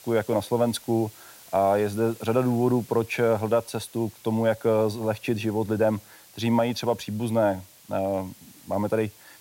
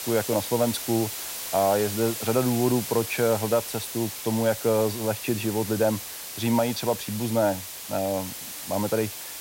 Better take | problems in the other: first | hiss; loud; throughout; 7 dB below the speech; faint in the first

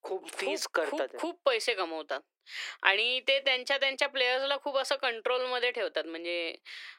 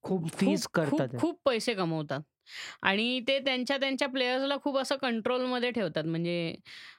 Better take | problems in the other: second | thin; very; fading below 350 Hz

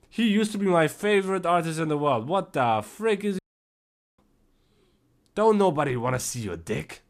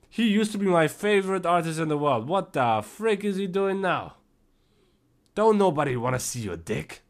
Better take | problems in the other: second | audio cutting out; at 3.5 s for 1 s

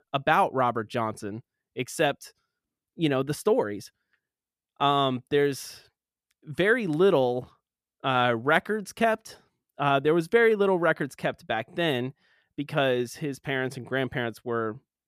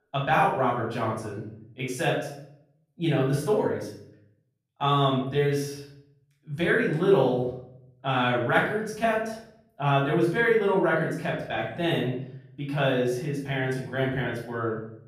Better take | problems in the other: first | off-mic speech; far // room echo; noticeable; dies away in 0.6 s

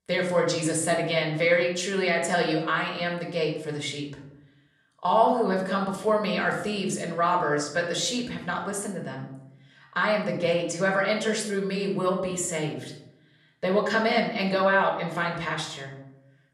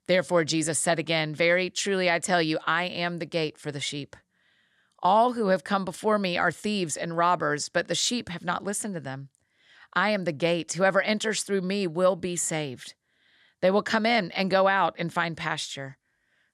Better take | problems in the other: second | room echo; slight; dies away in 0.7 s // off-mic speech; somewhat distant

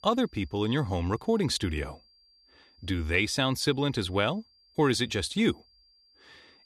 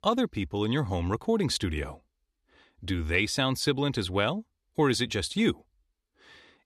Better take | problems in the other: second | high-pitched whine; faint; throughout; 4.5 kHz, 30 dB below the speech

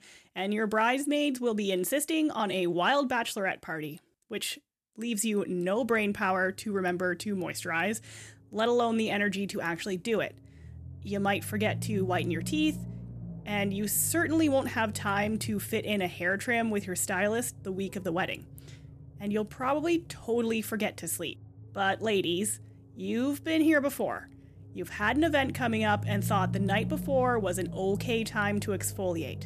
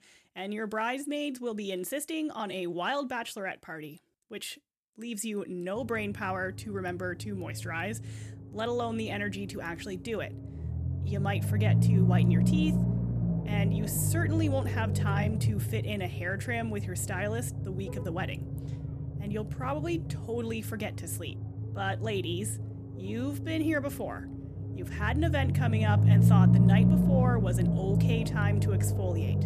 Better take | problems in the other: first | low rumble; loud; from 6 s on; 4 dB below the speech; faint in the first

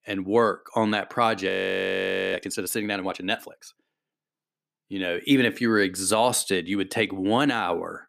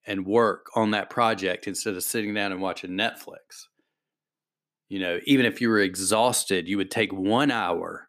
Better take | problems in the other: second | audio freezing; at 1.5 s for 1 s

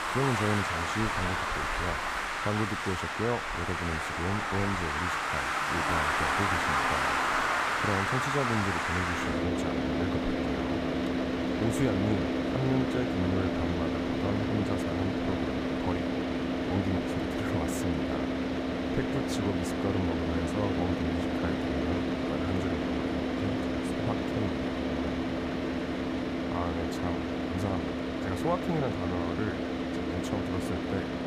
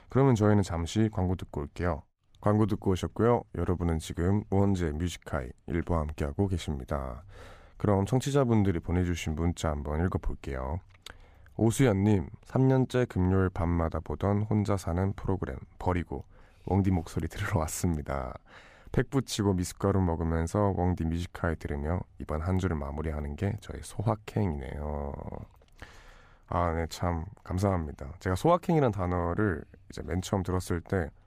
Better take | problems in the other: second | traffic noise; very loud; throughout; 5 dB above the speech

